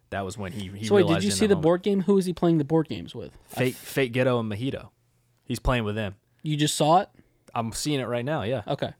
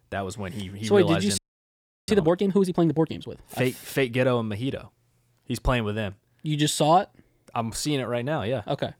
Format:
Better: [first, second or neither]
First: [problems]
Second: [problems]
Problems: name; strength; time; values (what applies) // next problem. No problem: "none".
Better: first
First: none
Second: audio freezing; at 1.5 s for 0.5 s